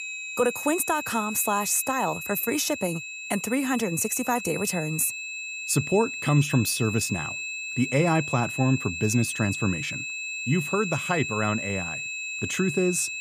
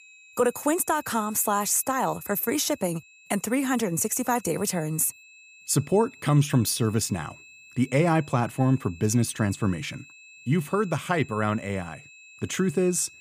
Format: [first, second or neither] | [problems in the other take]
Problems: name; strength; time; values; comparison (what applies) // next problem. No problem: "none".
second | high-pitched whine; loud; throughout; 2.5 kHz, 6 dB below the speech; faint in the second